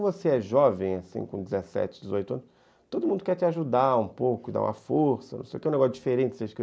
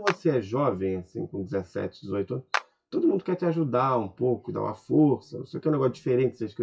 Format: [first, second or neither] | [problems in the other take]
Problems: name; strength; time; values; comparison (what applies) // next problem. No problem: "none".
first | noise reduction (classical method WPE with log-MMSE)